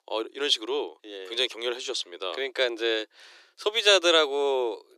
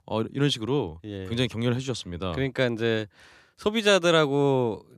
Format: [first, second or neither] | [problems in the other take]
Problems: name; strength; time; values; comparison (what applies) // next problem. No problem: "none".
second | thin; very; fading below 350 Hz